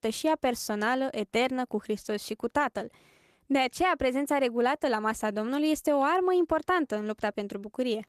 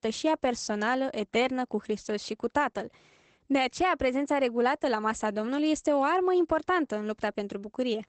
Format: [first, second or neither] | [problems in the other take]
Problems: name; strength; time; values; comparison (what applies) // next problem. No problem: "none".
first | garbled, watery; badly; nothing above 8 kHz; slightly in the first